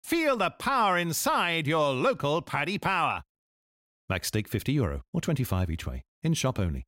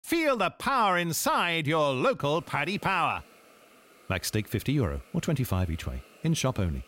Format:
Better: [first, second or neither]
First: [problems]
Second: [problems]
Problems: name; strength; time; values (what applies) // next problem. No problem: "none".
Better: first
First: none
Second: hiss; faint; from 2 s on; 25 dB below the speech